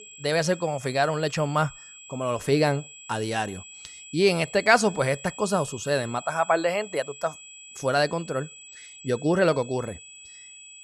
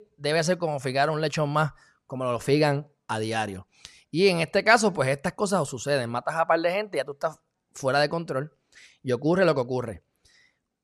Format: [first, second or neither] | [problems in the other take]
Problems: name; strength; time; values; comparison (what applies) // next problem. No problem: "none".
second | high-pitched whine; noticeable; throughout; 7.5 kHz, 15 dB below the speech